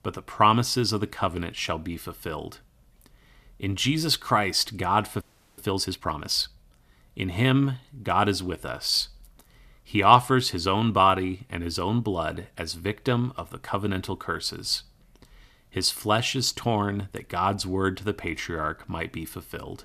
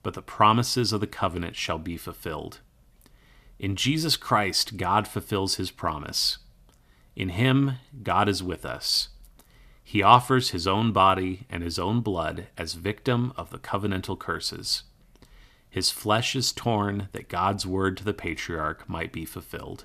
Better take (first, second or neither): second